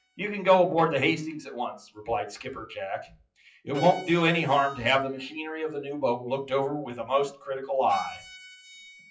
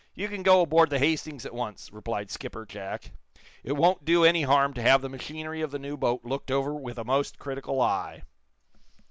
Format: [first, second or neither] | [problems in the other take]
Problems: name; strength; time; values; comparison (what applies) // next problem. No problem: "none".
second | noise reduction (classical method WPE with log-MMSE)